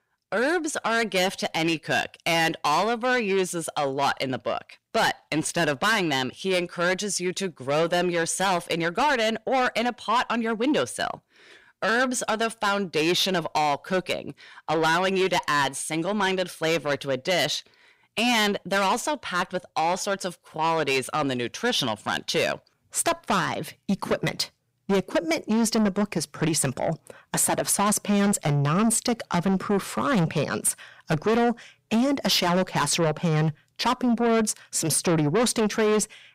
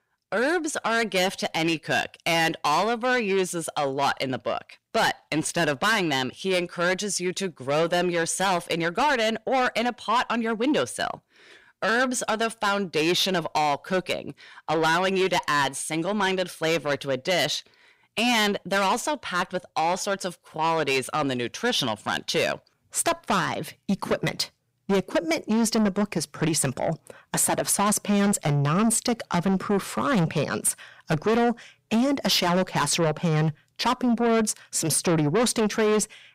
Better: neither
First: distortion; heavy; 7 dB below the speech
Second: distortion; heavy; 7 dB below the speech

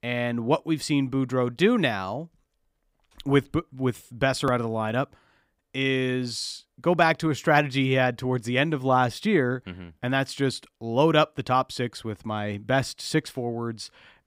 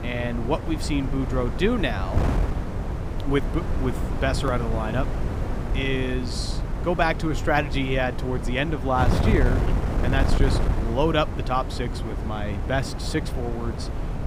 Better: first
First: none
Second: wind noise on the microphone; heavy; 7 dB below the speech

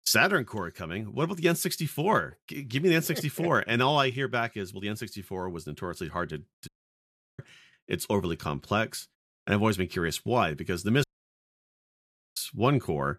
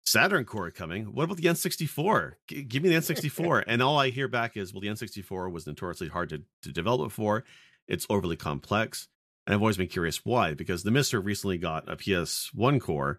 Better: second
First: audio cutting out; at 6.5 s for 0.5 s and at 11 s for 1.5 s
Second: none

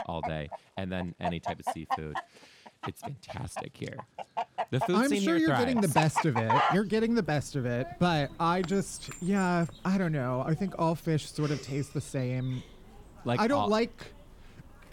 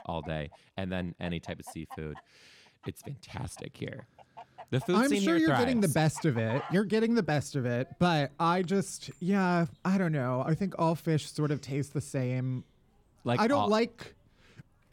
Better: second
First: animal sounds; loud; throughout; 6 dB below the speech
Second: animal sounds; faint; throughout; 20 dB below the speech

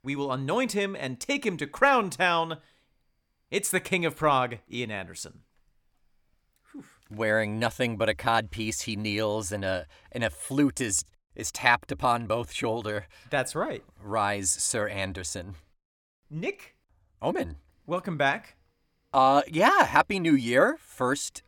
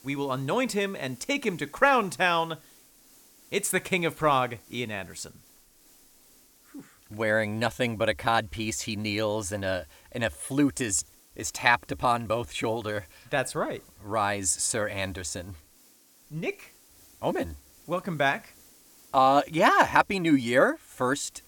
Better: first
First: none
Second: hiss; faint; throughout; 30 dB below the speech

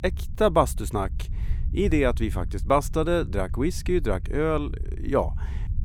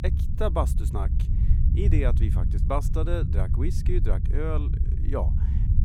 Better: first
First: low rumble; faint; throughout; 25 dB below the speech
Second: low rumble; loud; throughout; 8 dB below the speech

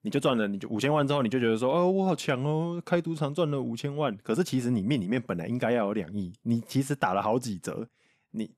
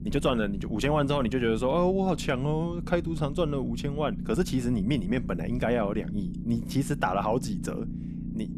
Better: first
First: none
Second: low rumble; noticeable; throughout; 15 dB below the speech

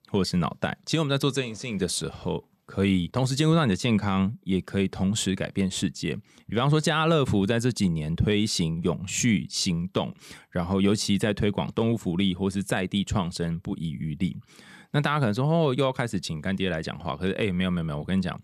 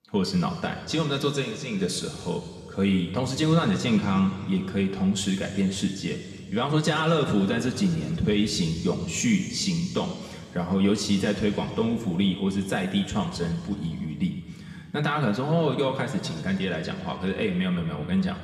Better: first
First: none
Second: room echo; noticeable; dies away in 2.2 s // off-mic speech; somewhat distant

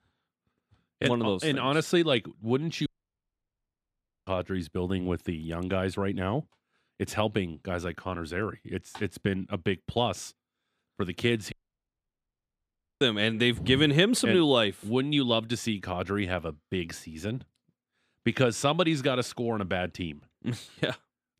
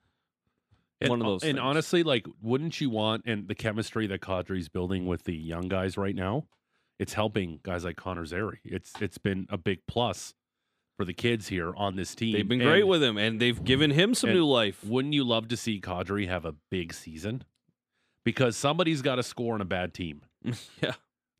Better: second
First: audio cutting out; at 3 s for 1.5 s and at 12 s for 1.5 s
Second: none

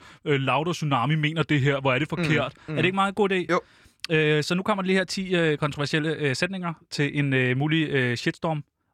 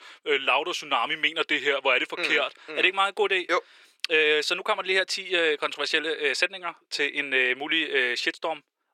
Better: first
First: none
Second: thin; very; fading below 400 Hz

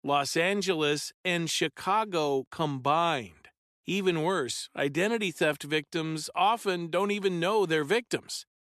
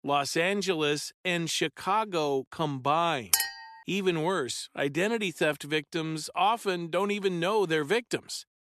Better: first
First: none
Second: clattering dishes; loud; at 3.5 s; peak 3 dB above the speech

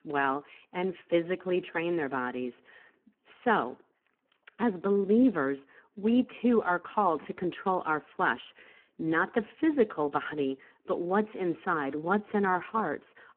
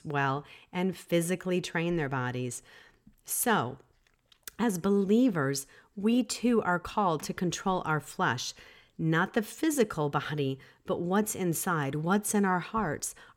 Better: second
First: phone-call audio; poor line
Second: none

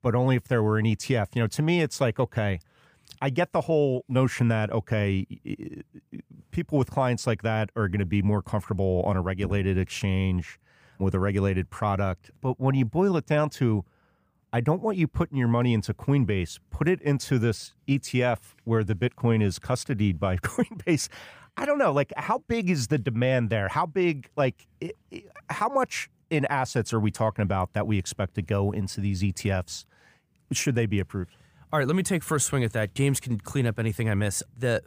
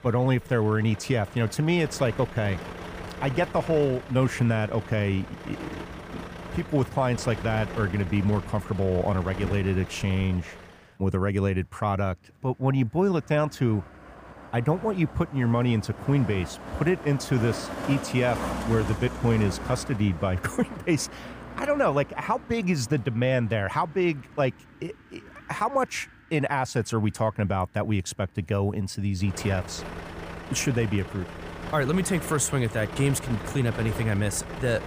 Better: first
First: none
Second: traffic noise; noticeable; throughout; 10 dB below the speech

